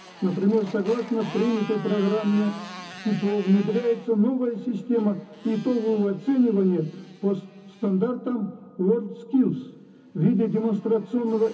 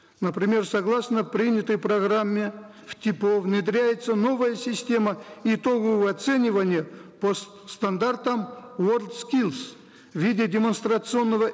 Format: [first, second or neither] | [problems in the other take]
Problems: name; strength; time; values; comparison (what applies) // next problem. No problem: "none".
second | background sound (Motorcycle); 20 dB below the speech // room echo; dies away in 0.3 s